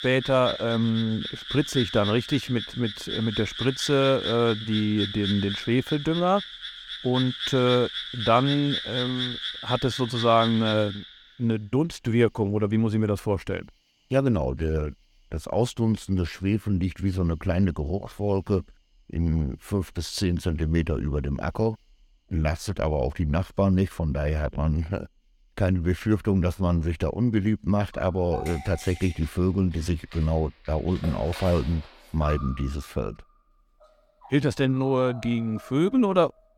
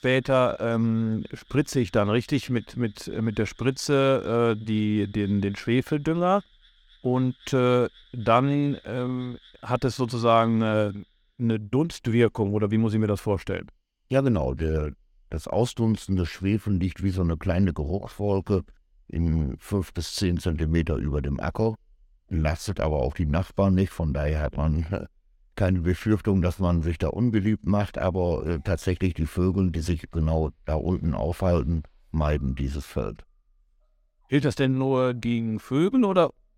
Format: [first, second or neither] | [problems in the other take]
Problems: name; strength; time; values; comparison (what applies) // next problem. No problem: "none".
second | animal sounds; loud; throughout; 7 dB below the speech; faint in the second